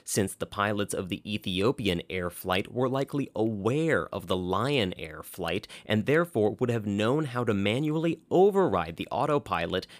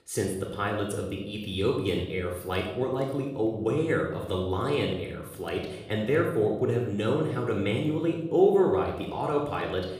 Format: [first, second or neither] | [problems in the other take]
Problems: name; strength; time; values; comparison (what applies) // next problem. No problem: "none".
first | off-mic speech; somewhat distant // room echo; noticeable; dies away in 0.9 s